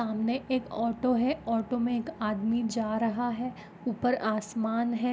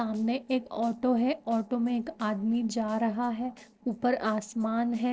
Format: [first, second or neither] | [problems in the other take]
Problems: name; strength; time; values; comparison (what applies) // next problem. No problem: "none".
first | noise reduction (neural separator model SepFormer DNS4)